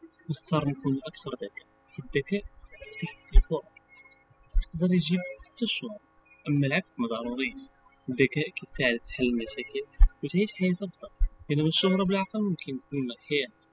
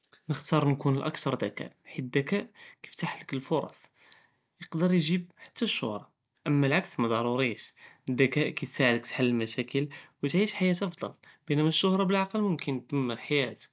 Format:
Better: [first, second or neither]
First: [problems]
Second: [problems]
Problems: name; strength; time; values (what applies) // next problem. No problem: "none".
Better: second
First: noise reduction (classical method spectral subtraction)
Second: none